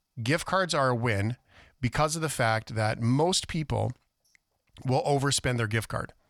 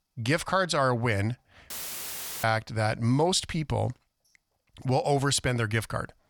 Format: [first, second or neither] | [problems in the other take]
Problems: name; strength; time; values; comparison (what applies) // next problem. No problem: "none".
first | audio cutting out; filled with static; at 1.5 s for 0.5 s